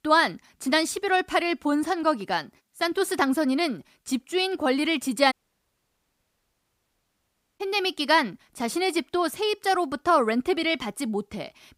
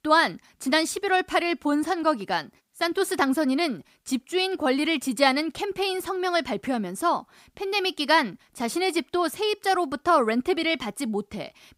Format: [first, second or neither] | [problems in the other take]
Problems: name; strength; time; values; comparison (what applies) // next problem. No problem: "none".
second | audio cutting out; at 5.5 s for 2.5 s